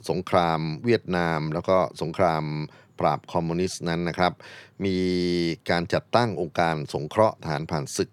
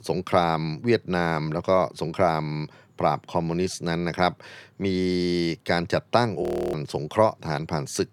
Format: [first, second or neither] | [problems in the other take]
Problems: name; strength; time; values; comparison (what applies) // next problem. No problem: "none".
first | audio freezing; at 6.5 s